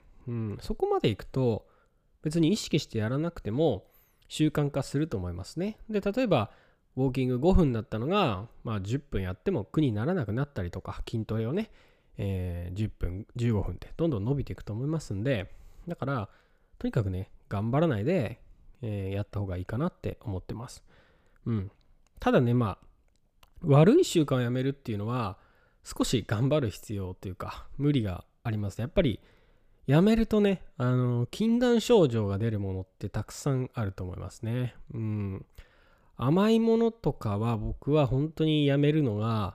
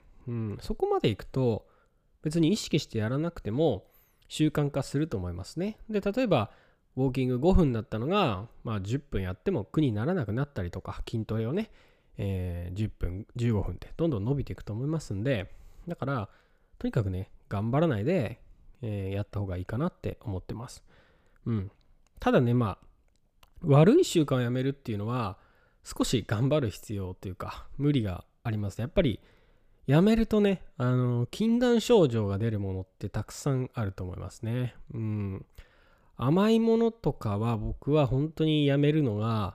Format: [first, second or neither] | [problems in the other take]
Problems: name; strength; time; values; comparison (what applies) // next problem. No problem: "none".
neither | none